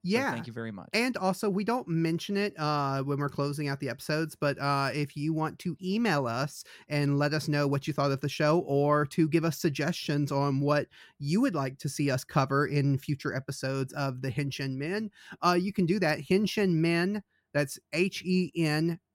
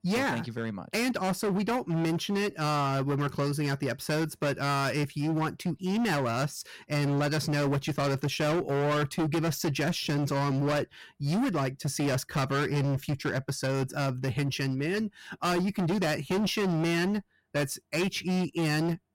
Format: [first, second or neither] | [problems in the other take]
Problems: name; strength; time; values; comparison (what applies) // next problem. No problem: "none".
first | distortion; heavy; 24% of the sound clipped